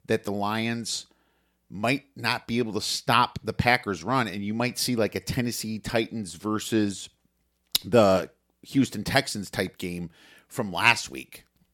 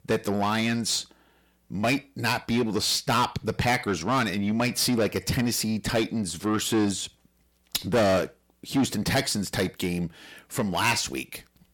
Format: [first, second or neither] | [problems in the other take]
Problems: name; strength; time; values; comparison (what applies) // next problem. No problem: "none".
first | distortion; heavy; 6 dB below the speech